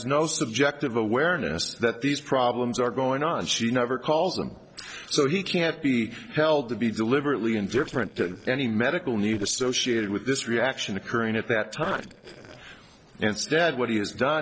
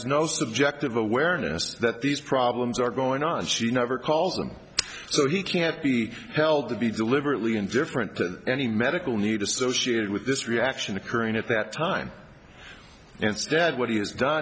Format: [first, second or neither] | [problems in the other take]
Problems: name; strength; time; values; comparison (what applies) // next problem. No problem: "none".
second | noise reduction (neural separator model SepFormer DNS4)